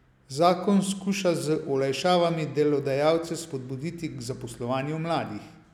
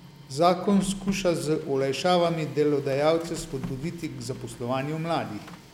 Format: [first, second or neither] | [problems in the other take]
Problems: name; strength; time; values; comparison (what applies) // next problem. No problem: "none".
first | background sound (Printer); 17 dB below the speech